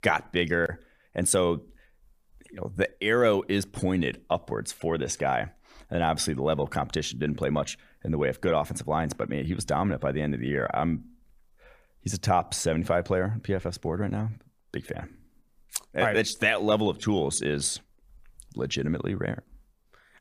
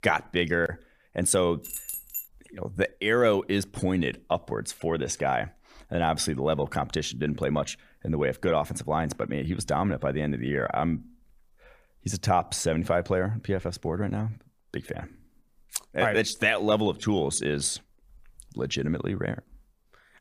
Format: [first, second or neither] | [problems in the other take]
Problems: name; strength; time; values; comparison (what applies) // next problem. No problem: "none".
first | jangling keys; noticeable; at 1.5 s; peak 5 dB below the speech